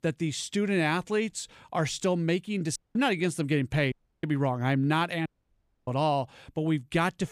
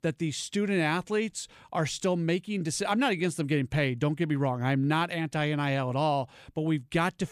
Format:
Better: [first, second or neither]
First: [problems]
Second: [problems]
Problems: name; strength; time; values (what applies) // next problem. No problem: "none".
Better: second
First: audio cutting out; at 3 s, at 4 s and at 5.5 s for 0.5 s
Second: none